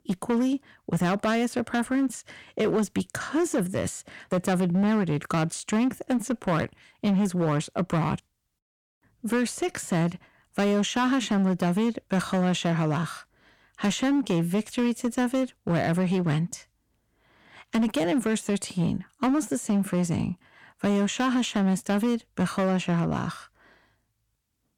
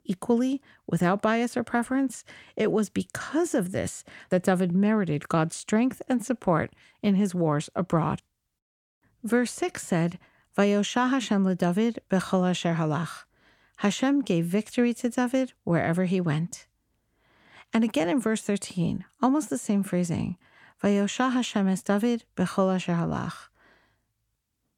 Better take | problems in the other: second | distortion; slight; 11% of the sound clipped

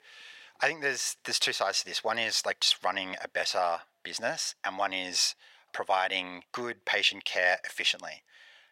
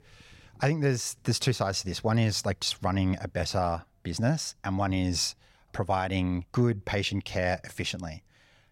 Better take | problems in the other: second | thin; very; fading below 700 Hz

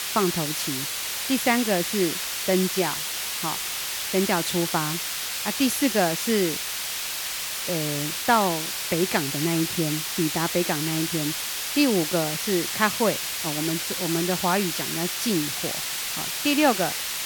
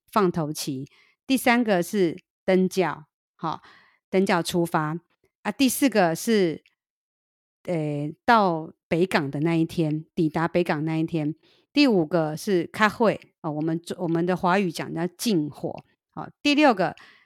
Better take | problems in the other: second | hiss; loud; throughout; 1 dB below the speech

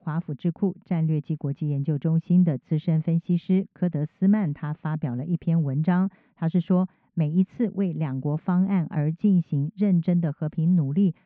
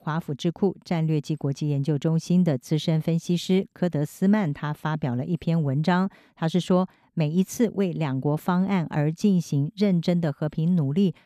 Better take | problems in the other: second | muffled; very; fading above 2.5 kHz

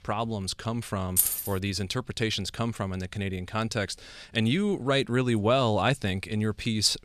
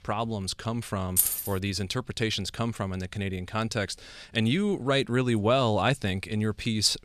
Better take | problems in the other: neither | jangling keys; loud; at 1 s; peak 5 dB above the speech; the same in both

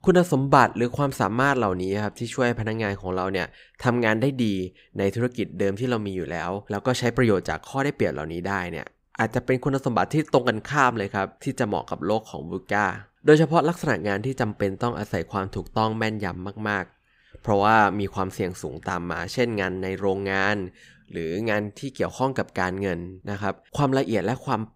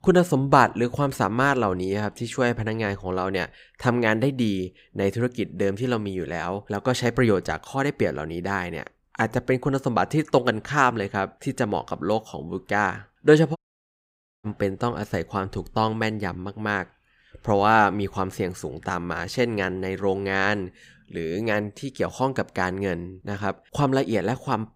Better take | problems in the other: first | audio cutting out; at 14 s for 1 s

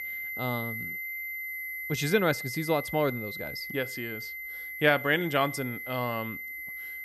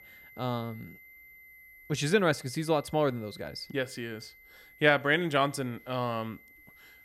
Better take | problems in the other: second | high-pitched whine; loud; throughout; 2 kHz, 6 dB below the speech; faint in the second

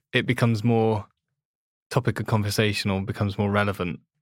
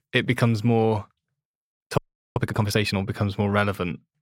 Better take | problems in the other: first | audio freezing; at 2 s

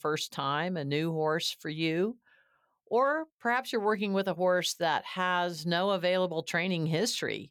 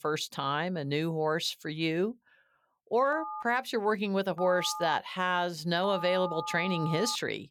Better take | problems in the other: first | phone ringing; noticeable; from 3 s on; peak 8 dB below the speech

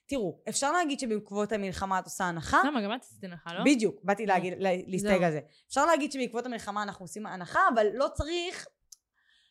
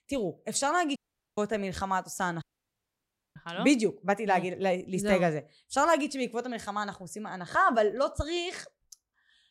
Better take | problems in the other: first | audio cutting out; at 1 s and at 2.5 s for 1 s

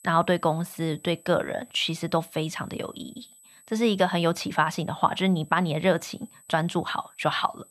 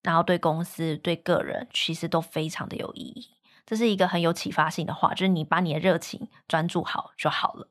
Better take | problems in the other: second | high-pitched whine; faint; throughout; 8 kHz, 25 dB below the speech

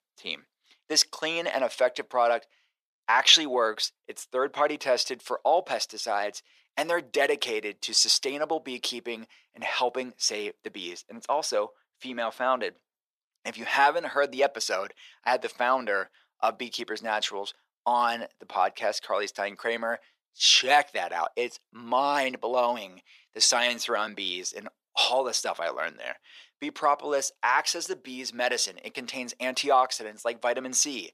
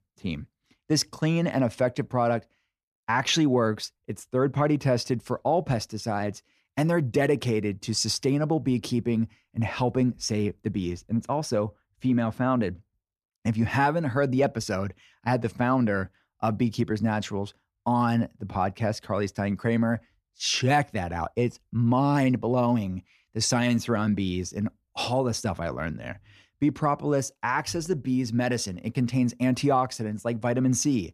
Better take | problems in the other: second | thin; very; fading below 500 Hz

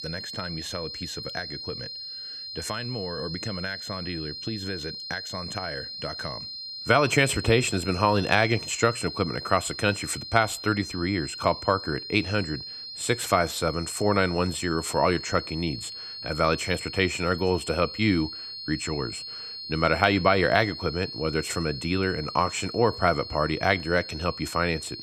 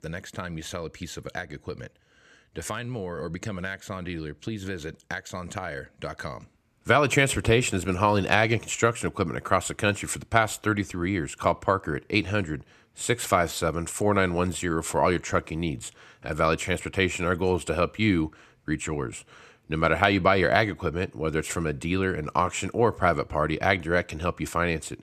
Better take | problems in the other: second | high-pitched whine; loud; throughout; 4 kHz, 9 dB below the speech

